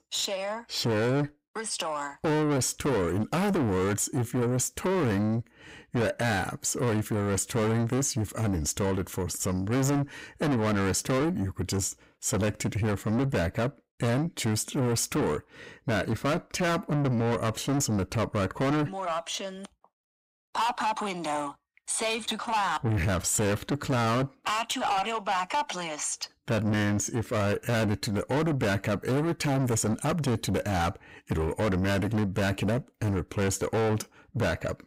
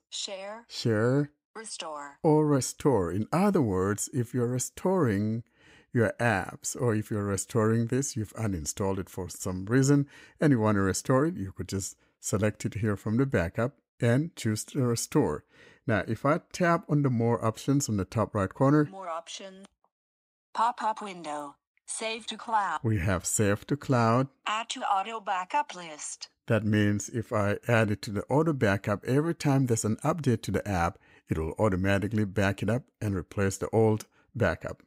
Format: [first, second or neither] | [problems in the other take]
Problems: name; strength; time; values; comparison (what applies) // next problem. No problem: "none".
second | distortion; heavy; 6 dB below the speech